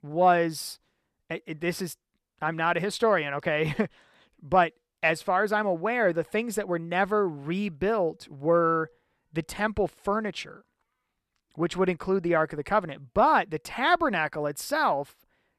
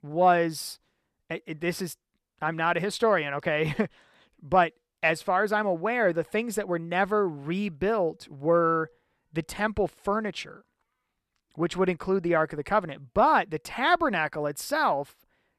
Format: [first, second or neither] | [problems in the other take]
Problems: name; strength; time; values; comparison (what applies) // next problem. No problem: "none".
neither | none